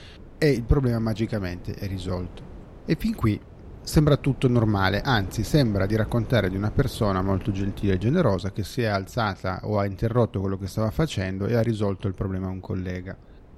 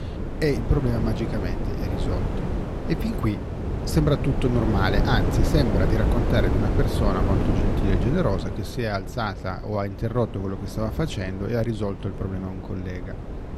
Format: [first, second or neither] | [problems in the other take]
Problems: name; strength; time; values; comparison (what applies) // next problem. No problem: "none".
first | wind noise on the microphone; heavy; 3 dB below the speech; occasional gusts in the first